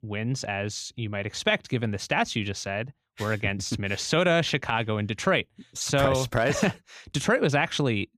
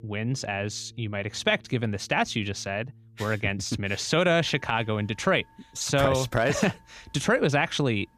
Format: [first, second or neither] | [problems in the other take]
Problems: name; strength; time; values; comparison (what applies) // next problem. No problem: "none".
first | background music; faint; throughout; 30 dB below the speech